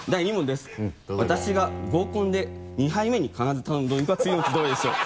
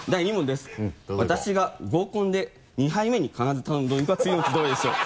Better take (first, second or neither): second